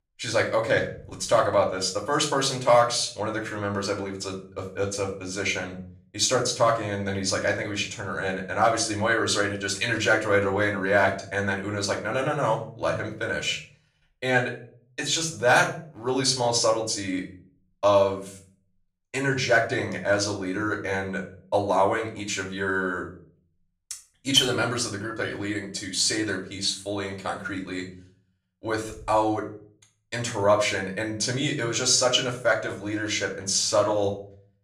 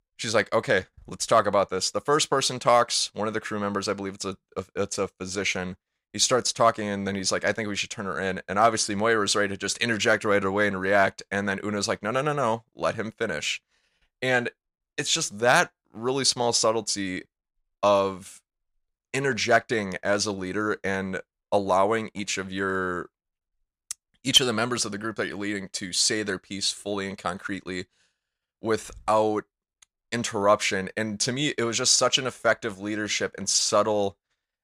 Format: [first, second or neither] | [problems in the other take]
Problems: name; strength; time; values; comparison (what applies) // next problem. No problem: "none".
second | room echo; slight; dies away in 0.5 s // off-mic speech; somewhat distant